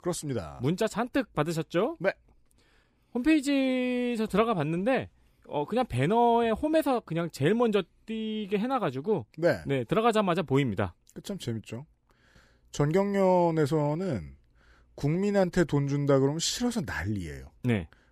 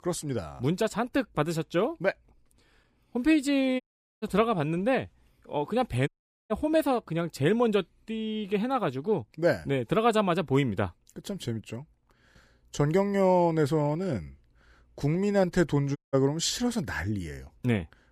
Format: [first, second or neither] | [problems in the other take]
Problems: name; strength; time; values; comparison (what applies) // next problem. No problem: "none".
first | audio cutting out; at 4 s, at 6 s and at 16 s